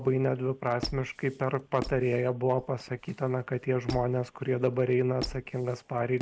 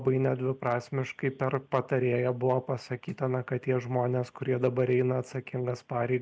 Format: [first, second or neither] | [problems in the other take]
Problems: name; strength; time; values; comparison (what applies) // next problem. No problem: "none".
second | background sound (Squeak); 14 dB below the speech